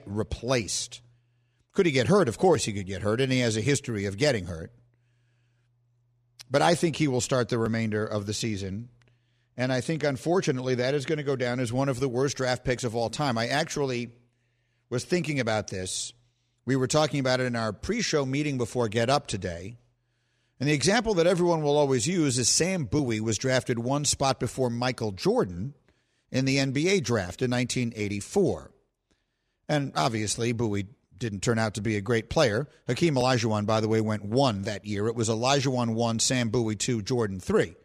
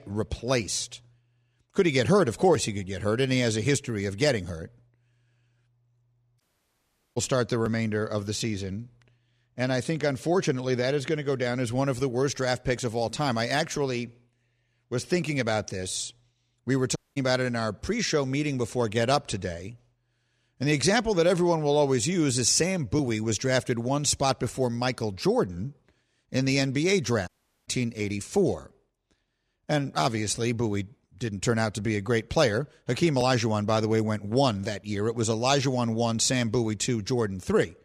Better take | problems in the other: first | audio cutting out; at 6.5 s for 1 s, at 17 s and at 27 s

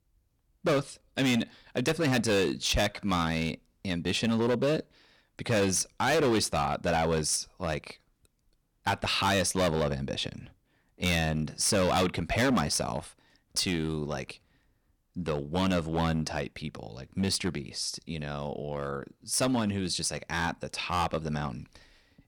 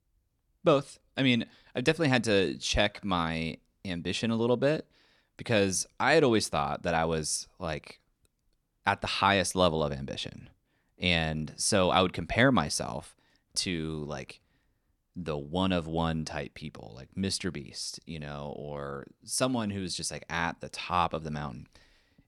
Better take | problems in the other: second | distortion; heavy; 8% of the sound clipped

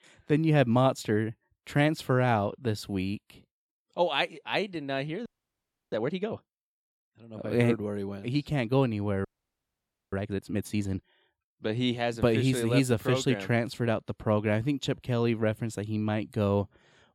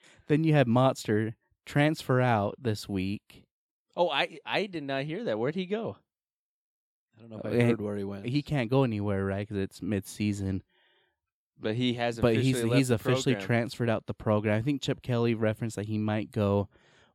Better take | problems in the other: second | audio freezing; at 5.5 s for 0.5 s and at 9.5 s for 1 s

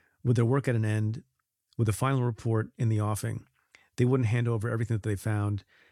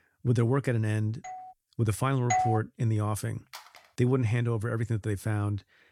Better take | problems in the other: first | doorbell; faint; at 1 s; peak 15 dB below the speech // doorbell; loud; at 2.5 s; peak 1 dB above the speech // phone ringing; faint; at 3.5 s; peak 20 dB below the speech

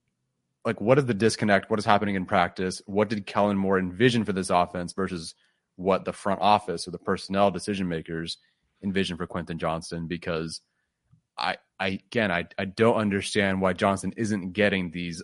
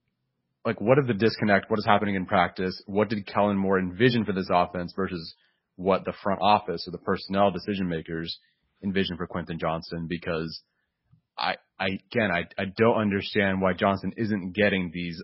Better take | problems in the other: first | garbled, watery; badly; nothing above 5.5 kHz; slightly in the first

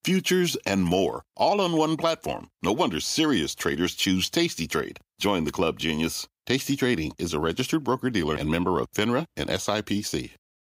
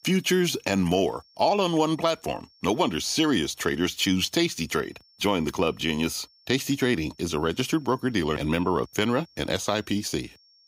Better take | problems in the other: first | high-pitched whine; faint; throughout; 5.5 kHz, 30 dB below the speech

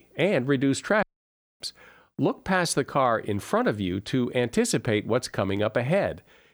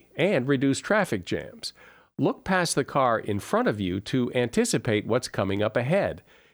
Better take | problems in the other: second | audio cutting out; at 1 s for 0.5 s

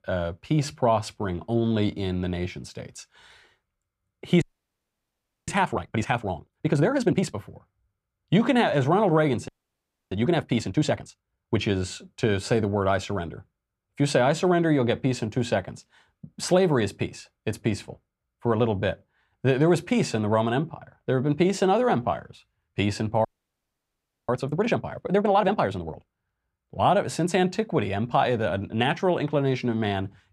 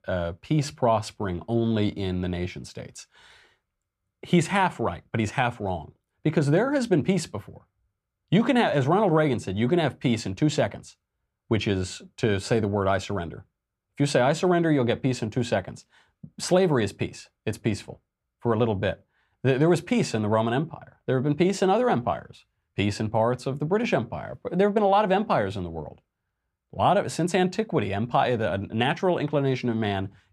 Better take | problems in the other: second | audio freezing; at 4.5 s for 1 s, at 9.5 s for 0.5 s and at 23 s for 1 s

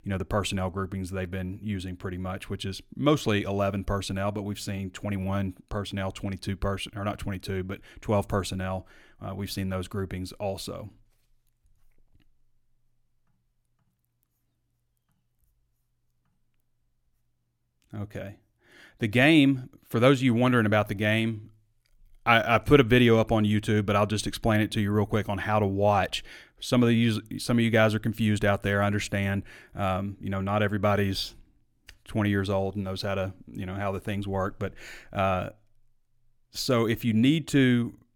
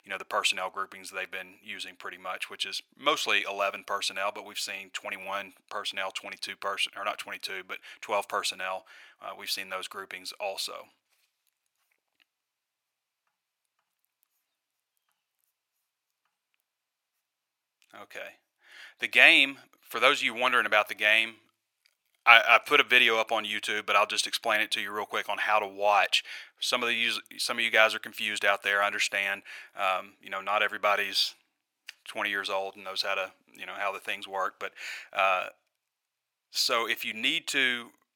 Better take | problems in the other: first | thin; very; fading below 900 Hz

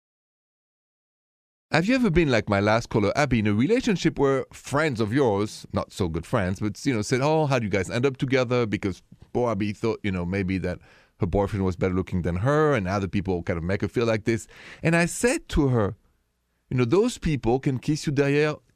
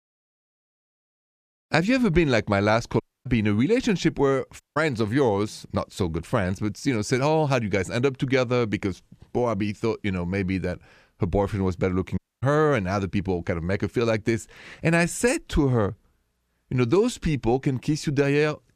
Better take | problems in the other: first | audio cutting out; at 3 s, at 4.5 s and at 12 s

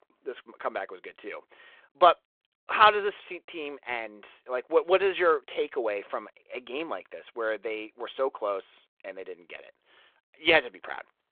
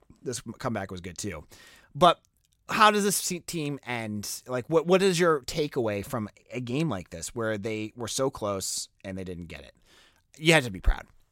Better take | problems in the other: second | phone-call audio

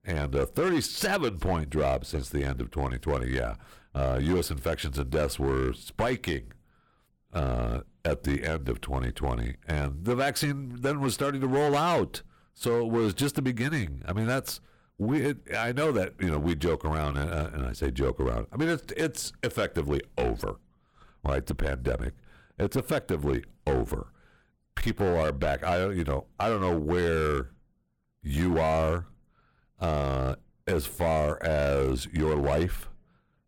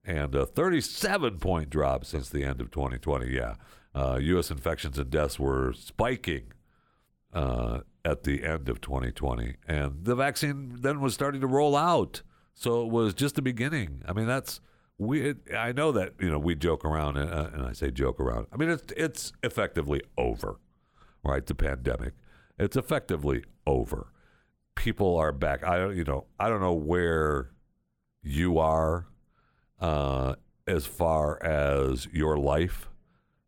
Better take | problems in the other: second | distortion; slight; 8% of the sound clipped

